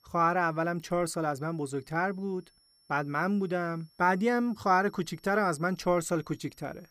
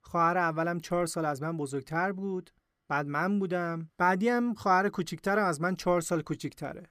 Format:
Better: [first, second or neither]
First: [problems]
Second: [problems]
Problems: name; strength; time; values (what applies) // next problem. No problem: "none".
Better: second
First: high-pitched whine; faint; throughout; 5.5 kHz, 35 dB below the speech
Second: none